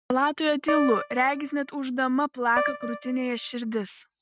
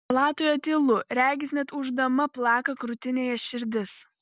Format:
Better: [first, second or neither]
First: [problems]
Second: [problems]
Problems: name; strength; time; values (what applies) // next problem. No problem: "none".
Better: second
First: noise reduction (neural mask model RNNoise)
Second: none